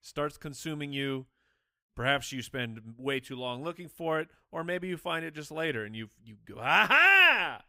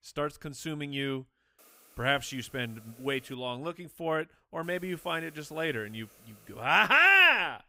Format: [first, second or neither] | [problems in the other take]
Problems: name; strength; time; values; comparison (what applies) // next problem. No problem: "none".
first | hiss; faint; from 1.5 to 3.5 s and from 4.5 to 6.5 s; 30 dB below the speech